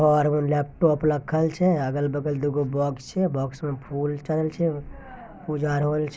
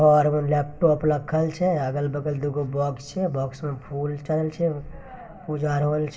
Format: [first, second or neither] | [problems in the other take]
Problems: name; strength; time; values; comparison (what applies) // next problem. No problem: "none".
first | room echo; dies away in 1.9 s